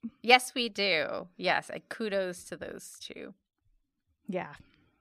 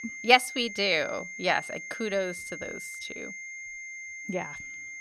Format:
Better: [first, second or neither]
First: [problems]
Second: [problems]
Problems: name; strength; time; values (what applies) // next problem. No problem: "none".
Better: first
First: none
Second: high-pitched whine; noticeable; throughout; 2 kHz, 10 dB below the speech